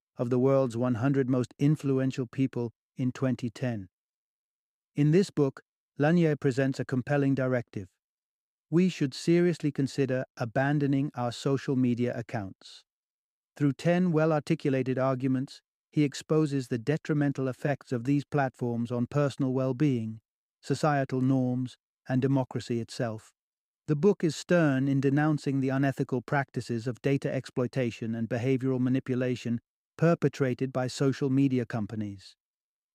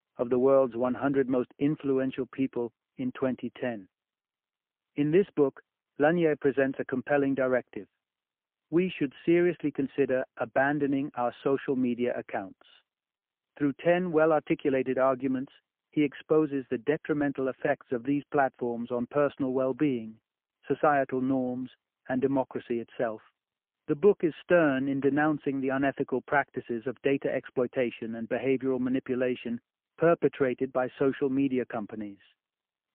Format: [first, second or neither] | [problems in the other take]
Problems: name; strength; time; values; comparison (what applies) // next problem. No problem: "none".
first | phone-call audio; poor line